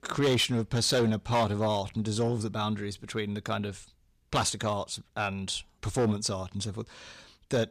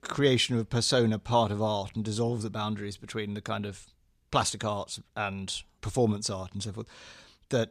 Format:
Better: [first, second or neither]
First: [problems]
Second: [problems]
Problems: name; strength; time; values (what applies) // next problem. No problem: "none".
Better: second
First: distortion; slight; 4% of the sound clipped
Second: none